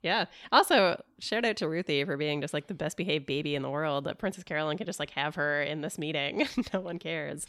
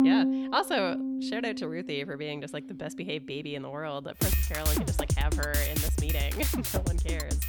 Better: first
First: none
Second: background music; very loud; throughout; 5 dB above the speech

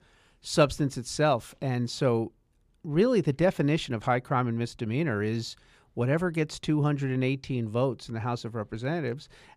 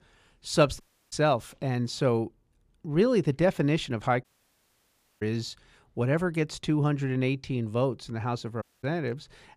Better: first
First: none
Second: audio cutting out; at 1 s, at 4 s for 1 s and at 8.5 s

